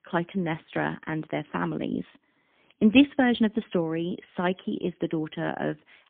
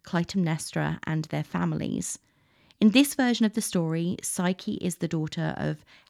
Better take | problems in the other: second | phone-call audio; poor line; nothing above 3.5 kHz

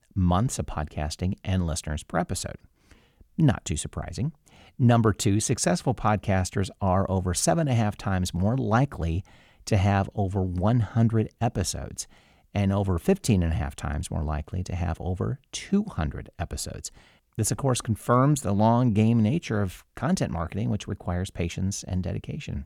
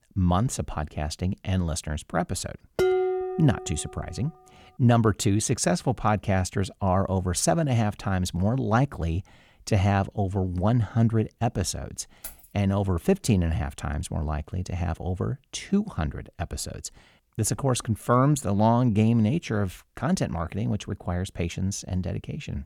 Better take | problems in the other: first | clattering dishes; loud; at 3 s; peak 3 dB above the speech // jangling keys; faint; at 12 s; peak 15 dB below the speech

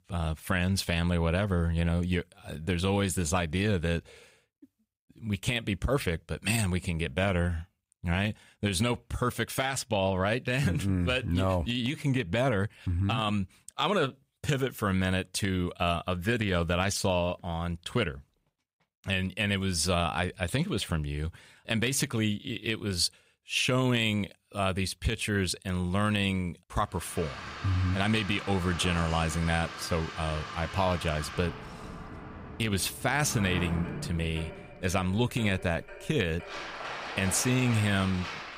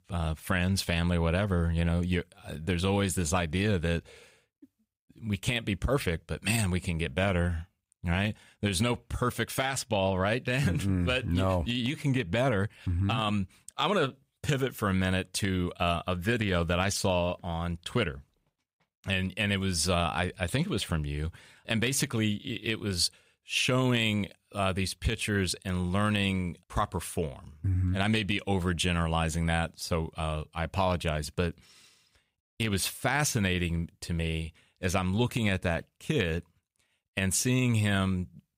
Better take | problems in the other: second | household noises; noticeable; from 27 s on; 10 dB below the speech

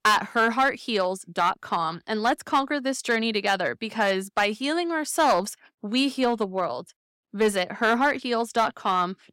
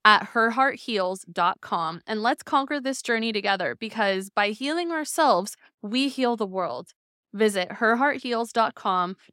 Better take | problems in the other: second | distortion; slight; 3% of the sound clipped

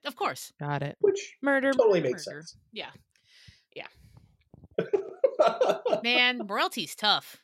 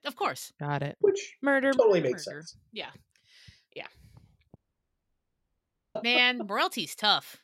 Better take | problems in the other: first | audio cutting out; at 4.5 s for 1.5 s

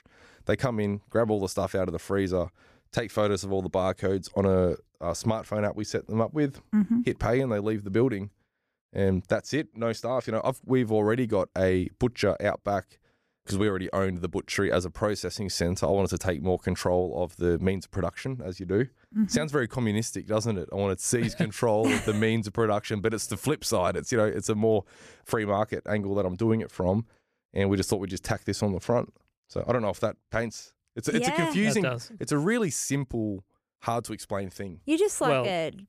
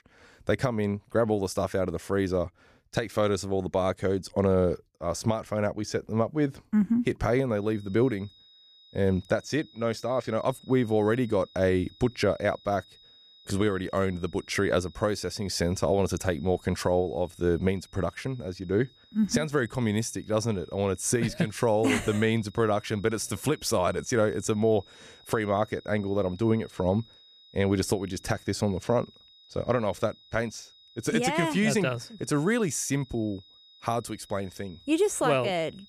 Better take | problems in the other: first | high-pitched whine; faint; from 7.5 s on; 4 kHz, 25 dB below the speech

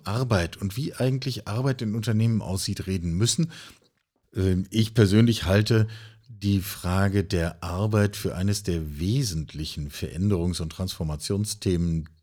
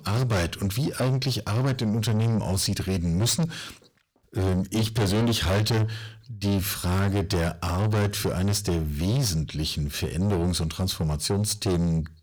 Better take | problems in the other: first | distortion; heavy; 6 dB below the speech

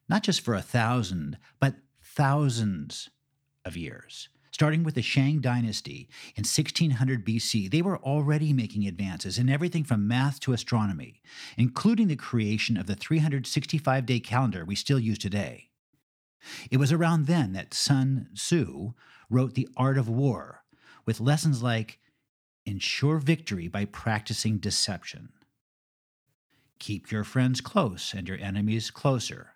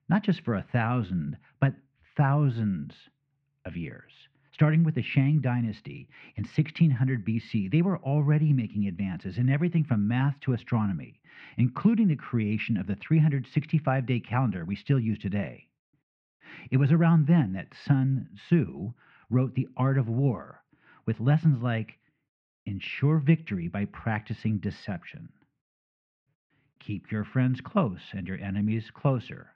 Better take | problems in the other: first | muffled; very; fading above 2.5 kHz

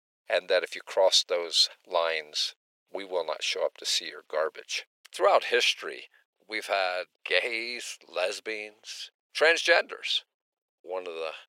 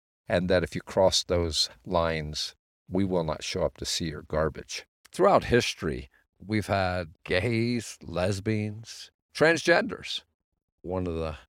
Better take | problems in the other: second | thin; very; fading below 500 Hz

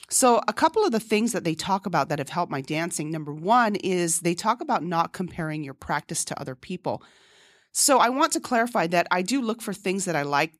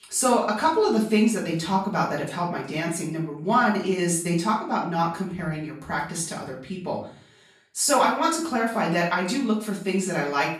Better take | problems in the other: first | off-mic speech; far // room echo; slight; dies away in 0.4 s

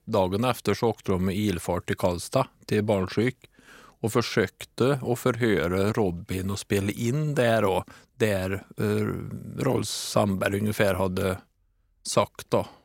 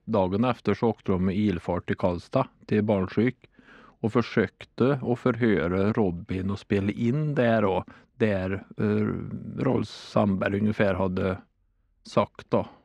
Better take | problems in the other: first | muffled; slightly; fading above 3 kHz

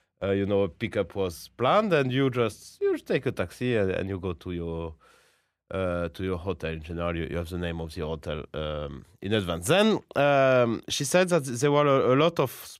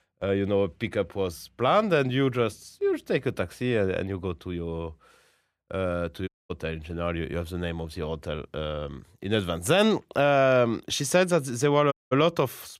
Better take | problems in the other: first | audio cutting out; at 6.5 s and at 12 s

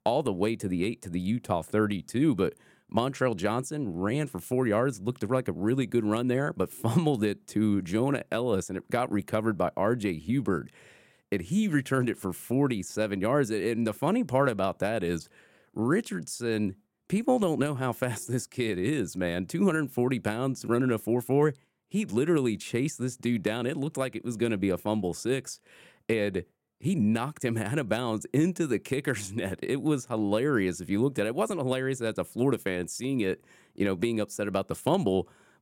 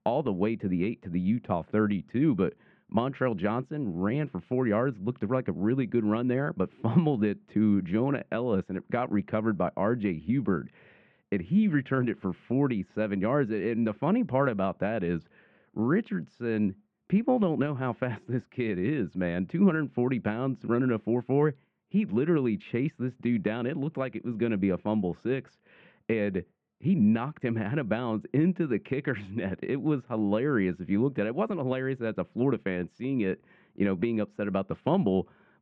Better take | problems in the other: first | muffled; very; fading above 3 kHz

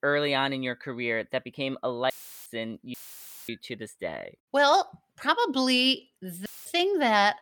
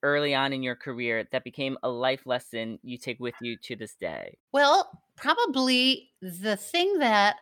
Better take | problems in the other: second | audio cutting out; filled with static; at 2 s, at 3 s for 0.5 s and at 6.5 s

